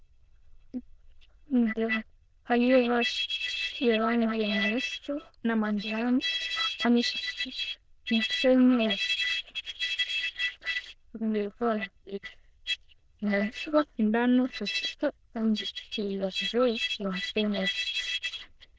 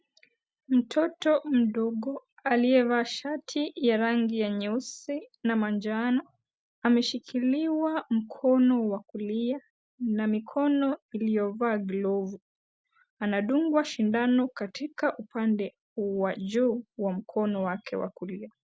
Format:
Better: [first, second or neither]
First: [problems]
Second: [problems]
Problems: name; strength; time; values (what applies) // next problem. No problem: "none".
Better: second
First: noise reduction (neural diffusion model UNIVERSE++)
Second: none